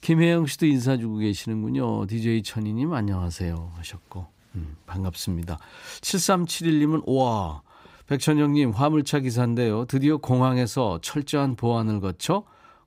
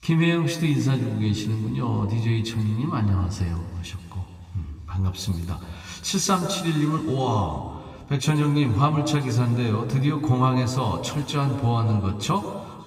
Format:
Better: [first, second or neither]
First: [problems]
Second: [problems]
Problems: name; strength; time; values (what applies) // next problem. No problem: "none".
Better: first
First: none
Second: room echo; slight; dies away in 2.1 s // off-mic speech; somewhat distant